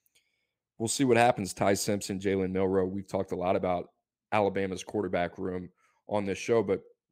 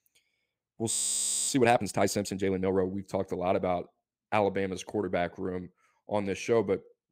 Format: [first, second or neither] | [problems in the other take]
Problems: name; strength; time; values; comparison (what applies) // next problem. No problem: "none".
first | audio freezing; at 1 s for 0.5 s